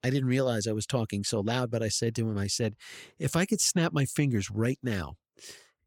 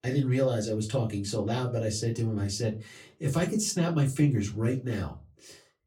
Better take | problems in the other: first | off-mic speech; far // room echo; very slight; dies away in 0.2 s

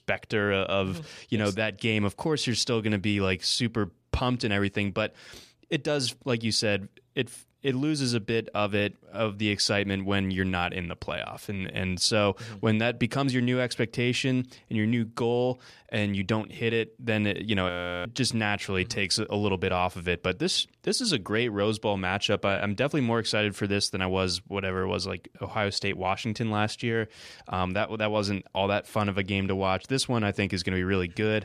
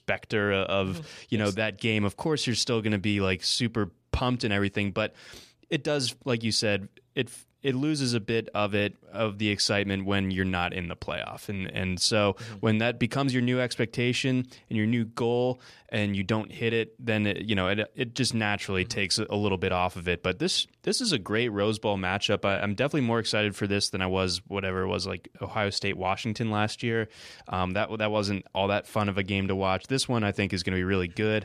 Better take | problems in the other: second | audio freezing; at 18 s

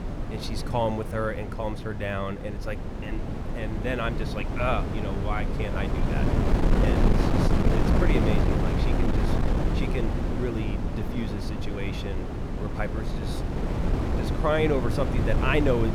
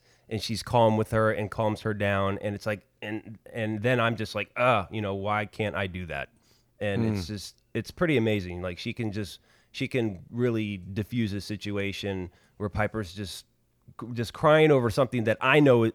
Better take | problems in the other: second | wind noise on the microphone; heavy; 2 dB below the speech

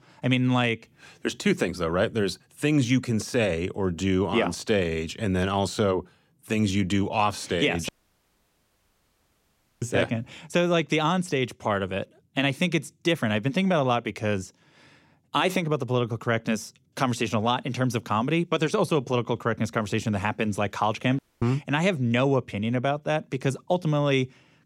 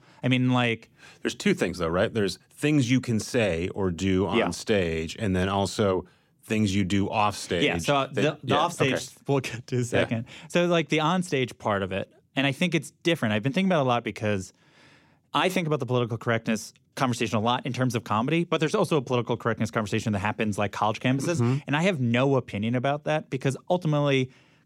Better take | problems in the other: second | audio cutting out; at 8 s for 2 s and at 21 s

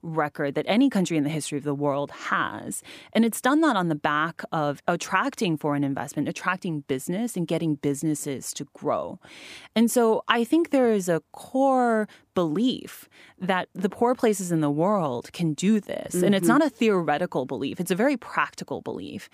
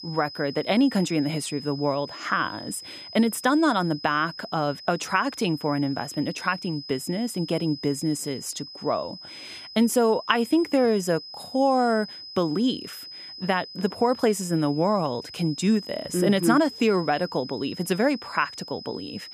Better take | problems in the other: first | high-pitched whine; noticeable; throughout; 5 kHz, 15 dB below the speech

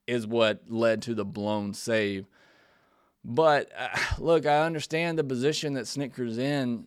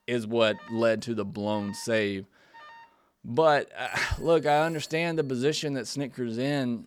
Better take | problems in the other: first | alarms or sirens; faint; throughout; 25 dB below the speech

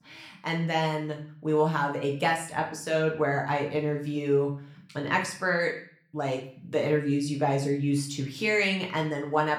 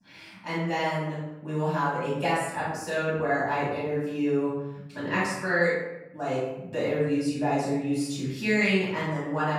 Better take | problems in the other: first | room echo; strong; dies away in 0.9 s; slight in the first // off-mic speech; far; somewhat distant in the first

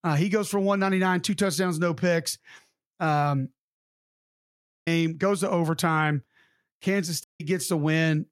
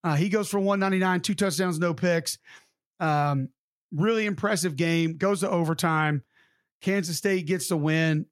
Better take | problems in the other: second | audio cutting out; at 4 s for 1 s and at 7 s

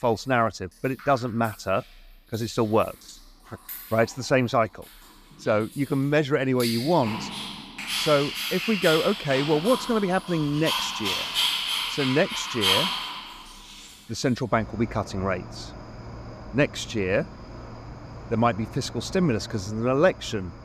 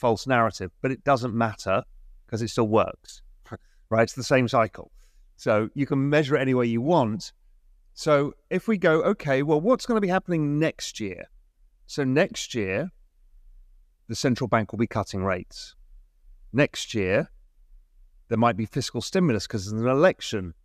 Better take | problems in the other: second | animal sounds; loud; throughout; 4 dB below the speech

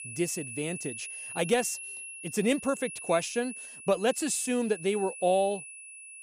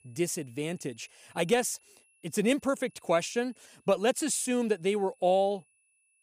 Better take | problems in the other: second | high-pitched whine; loud; throughout; 2.5 kHz, 10 dB below the speech; faint in the second

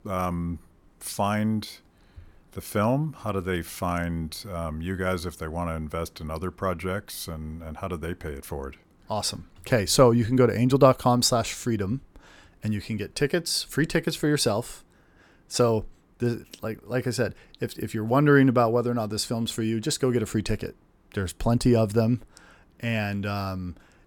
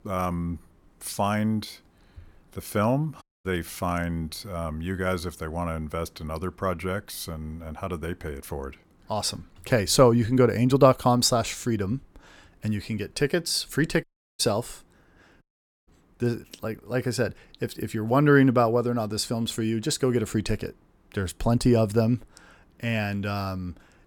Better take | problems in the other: first | audio cutting out; at 3 s, at 14 s and at 15 s

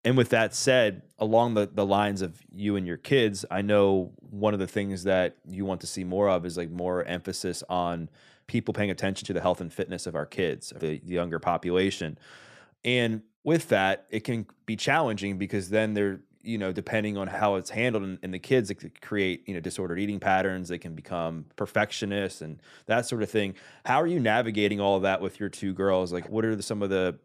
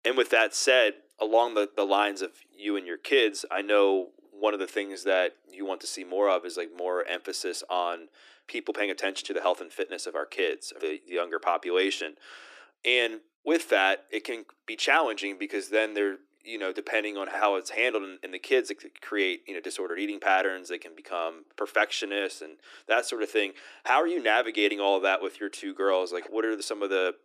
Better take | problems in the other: first | thin; somewhat; fading below 300 Hz

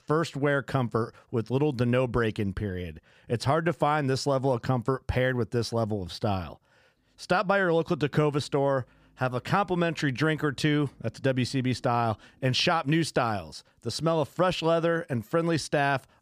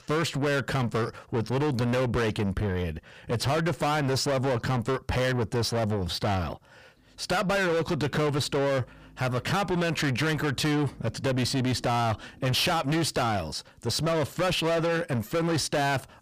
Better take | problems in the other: first | distortion; heavy; 6 dB below the speech

